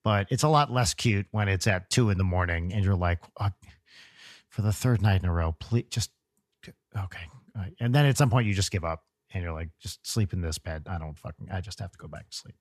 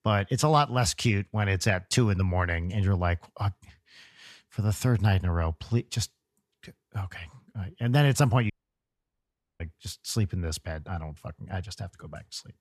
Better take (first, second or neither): first